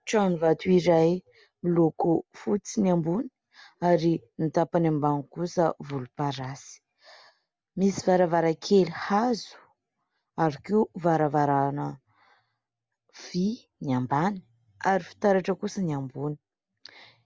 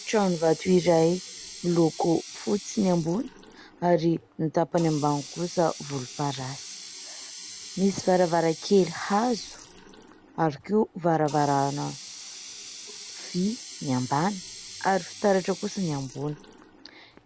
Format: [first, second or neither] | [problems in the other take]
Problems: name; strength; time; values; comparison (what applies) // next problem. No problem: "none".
first | background sound (Water tap, faucet); 15 dB below the speech